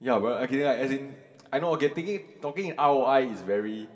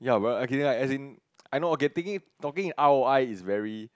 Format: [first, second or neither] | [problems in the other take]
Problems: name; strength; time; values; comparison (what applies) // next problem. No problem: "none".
second | room echo; dies away in 3 s